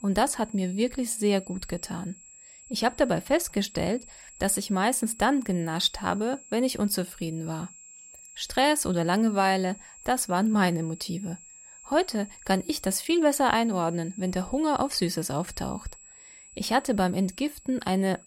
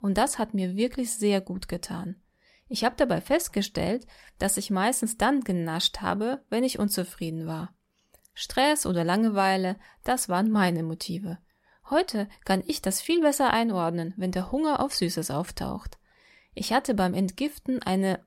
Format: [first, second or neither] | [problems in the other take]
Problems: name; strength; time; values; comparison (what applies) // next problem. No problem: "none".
second | high-pitched whine; noticeable; throughout; 7.5 kHz, 20 dB below the speech